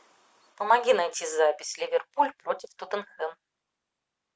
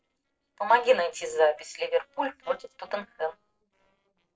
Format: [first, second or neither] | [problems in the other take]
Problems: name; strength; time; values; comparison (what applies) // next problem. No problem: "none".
first | noise reduction (neural separator model SepFormer DNS4)